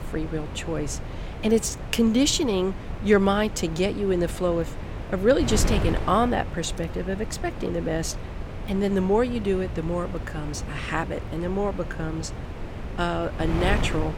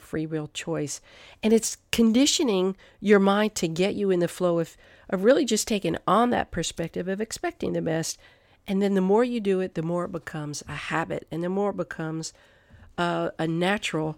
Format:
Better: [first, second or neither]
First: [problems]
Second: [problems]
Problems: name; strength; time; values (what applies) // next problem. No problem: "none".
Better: second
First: wind noise on the microphone; occasional gusts; 10 dB below the speech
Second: none